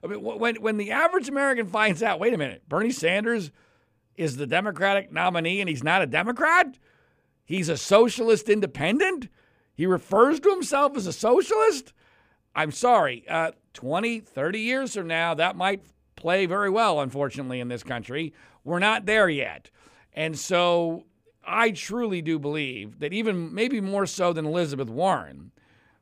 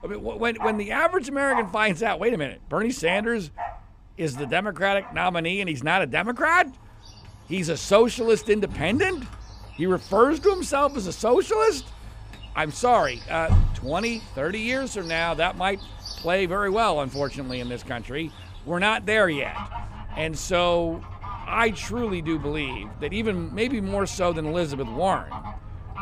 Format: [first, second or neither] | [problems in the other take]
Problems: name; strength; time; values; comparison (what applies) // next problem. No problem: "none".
first | animal sounds; noticeable; throughout; 10 dB below the speech